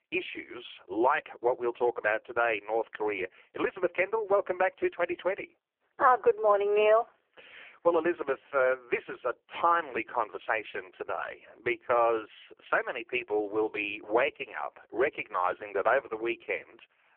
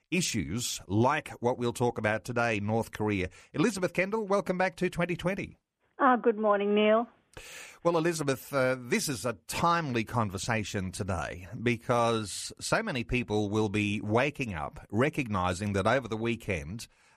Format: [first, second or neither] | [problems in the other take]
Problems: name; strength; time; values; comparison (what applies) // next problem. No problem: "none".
second | phone-call audio; poor line